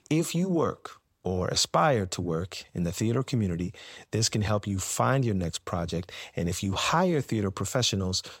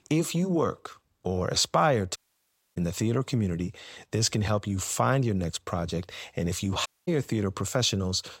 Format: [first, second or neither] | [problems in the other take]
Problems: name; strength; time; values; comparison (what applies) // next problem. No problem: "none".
first | audio cutting out; at 2 s for 0.5 s and at 7 s